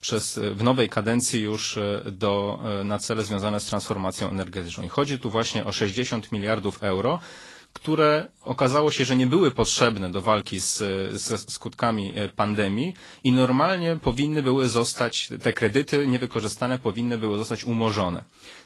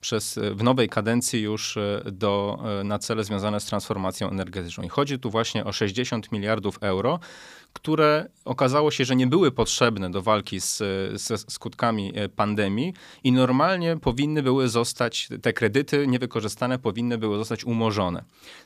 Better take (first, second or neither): second